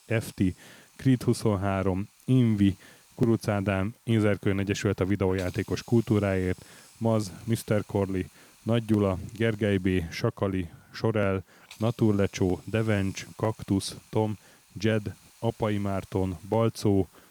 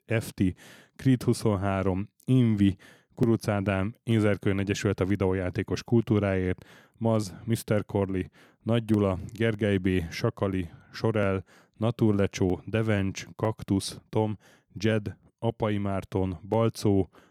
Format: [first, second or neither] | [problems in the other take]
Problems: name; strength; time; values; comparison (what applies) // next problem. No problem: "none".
second | hiss; faint; throughout; 25 dB below the speech